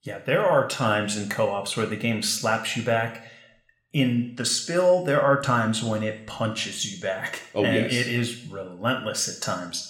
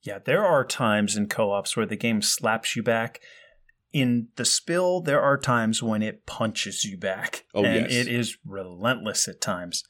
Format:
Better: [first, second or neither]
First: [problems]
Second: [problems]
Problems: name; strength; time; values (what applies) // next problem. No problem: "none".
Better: second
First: room echo; slight; dies away in 0.6 s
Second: none